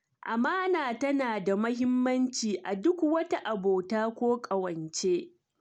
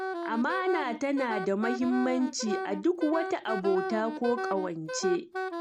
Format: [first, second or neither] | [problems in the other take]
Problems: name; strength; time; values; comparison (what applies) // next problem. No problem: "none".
first | background sound (Wind instrument, woodwind instrument); 6 dB below the speech